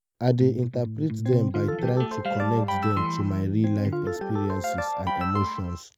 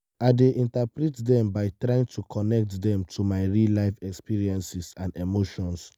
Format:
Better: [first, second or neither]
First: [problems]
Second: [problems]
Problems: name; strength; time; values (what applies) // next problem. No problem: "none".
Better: second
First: background sound (Ringtone + Electric guitar); 3 dB below the speech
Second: none